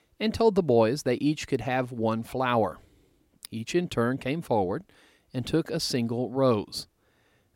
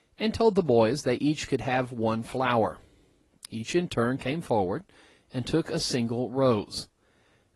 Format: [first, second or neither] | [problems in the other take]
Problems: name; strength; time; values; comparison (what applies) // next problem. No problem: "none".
first | garbled, watery; slightly; nothing above 11.5 kHz